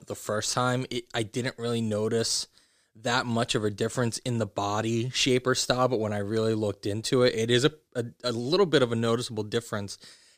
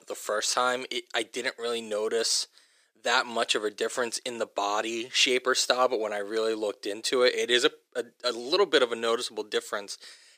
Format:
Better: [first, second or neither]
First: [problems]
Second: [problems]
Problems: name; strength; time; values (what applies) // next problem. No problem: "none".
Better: first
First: none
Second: thin; somewhat; fading below 400 Hz